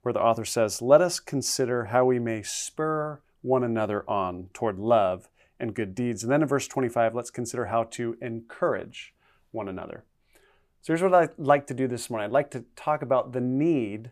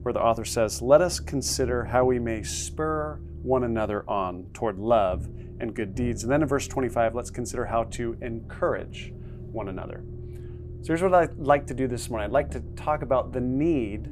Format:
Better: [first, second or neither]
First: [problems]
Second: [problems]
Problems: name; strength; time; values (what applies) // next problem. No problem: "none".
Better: first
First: none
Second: low rumble; faint; throughout; 25 dB below the speech